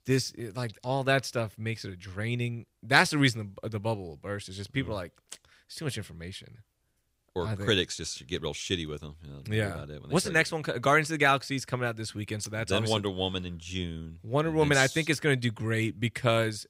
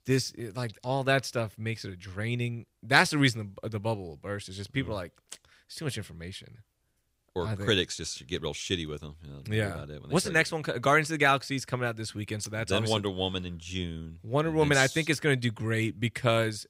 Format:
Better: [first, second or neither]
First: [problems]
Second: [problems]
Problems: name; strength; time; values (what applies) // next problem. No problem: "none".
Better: neither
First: none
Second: none